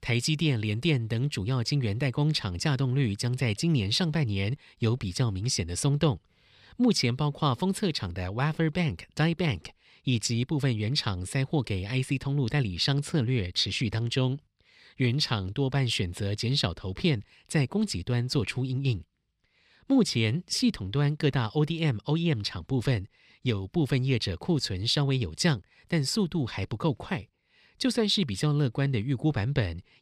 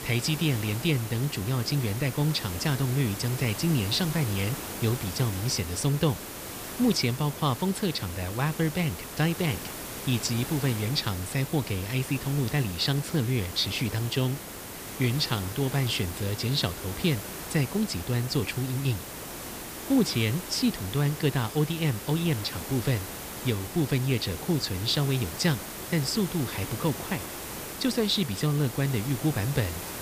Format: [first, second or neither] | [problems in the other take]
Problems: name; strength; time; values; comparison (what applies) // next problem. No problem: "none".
first | hiss; loud; throughout; 8 dB below the speech